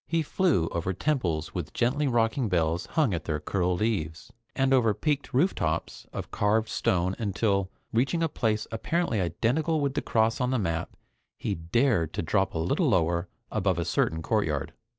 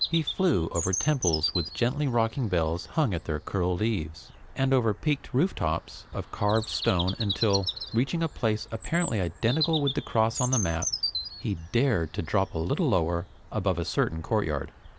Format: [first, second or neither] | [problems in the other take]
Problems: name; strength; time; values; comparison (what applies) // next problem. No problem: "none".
first | background sound (Bird vocalization, bird call, bird song); 10 dB below the speech